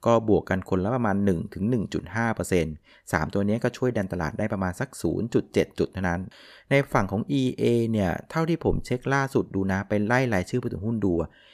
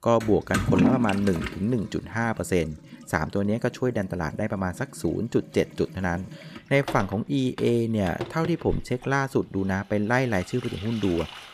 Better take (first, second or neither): first